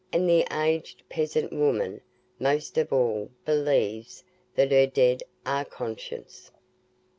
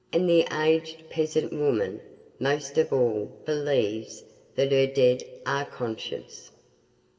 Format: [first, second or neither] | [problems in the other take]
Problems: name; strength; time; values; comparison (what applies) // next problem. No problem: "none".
first | room echo; dies away in 1.3 s